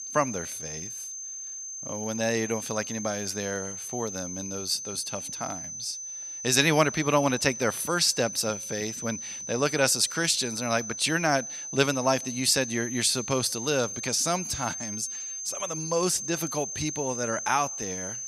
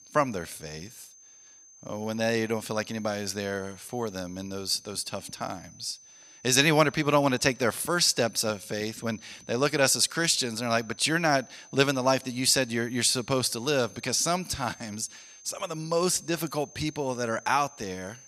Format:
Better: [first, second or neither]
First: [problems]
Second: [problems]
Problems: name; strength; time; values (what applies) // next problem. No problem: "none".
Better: second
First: high-pitched whine; loud; throughout; 6.5 kHz, 7 dB below the speech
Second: high-pitched whine; faint; throughout; 6.5 kHz, 25 dB below the speech